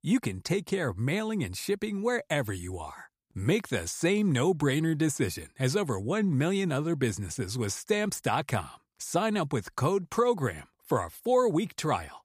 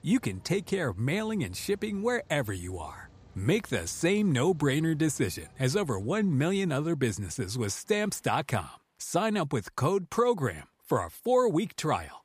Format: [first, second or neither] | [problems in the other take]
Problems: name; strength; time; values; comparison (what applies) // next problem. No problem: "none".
first | rain or running water; faint; throughout; 25 dB below the speech